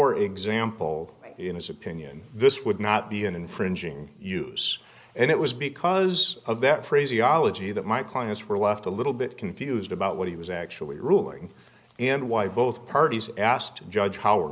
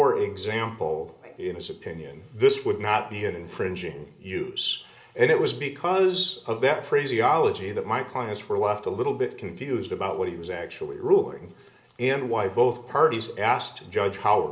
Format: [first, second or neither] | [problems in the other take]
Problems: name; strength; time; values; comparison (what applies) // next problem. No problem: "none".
first | room echo; dies away in 0.5 s